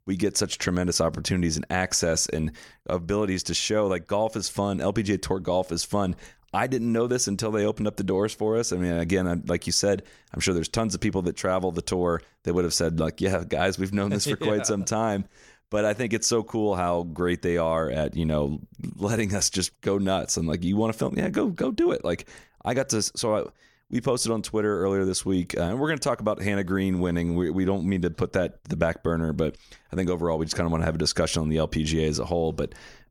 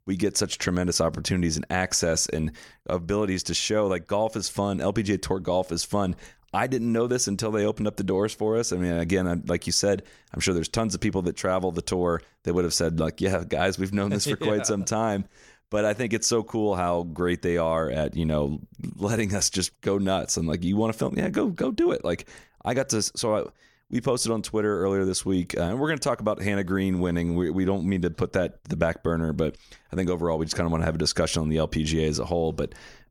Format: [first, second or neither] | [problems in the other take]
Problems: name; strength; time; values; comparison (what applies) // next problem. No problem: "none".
neither | none